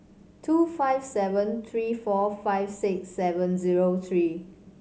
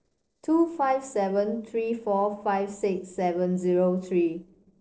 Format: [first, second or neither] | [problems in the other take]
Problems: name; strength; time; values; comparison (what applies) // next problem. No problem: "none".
first | noise reduction (neural separator model SepFormer DNS4)